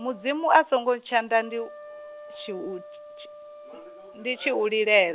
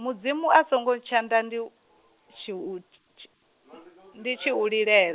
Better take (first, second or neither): second